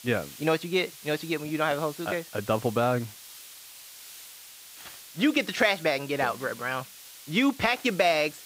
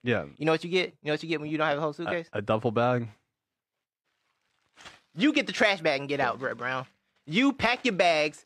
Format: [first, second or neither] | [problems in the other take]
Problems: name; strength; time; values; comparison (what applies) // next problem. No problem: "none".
second | hiss; noticeable; throughout; 15 dB below the speech